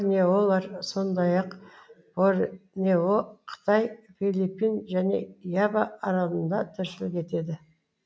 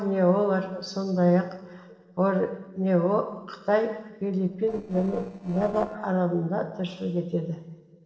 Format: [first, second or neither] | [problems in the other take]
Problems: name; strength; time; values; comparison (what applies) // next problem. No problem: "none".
first | noise reduction (neural separator model SepFormer DNS4)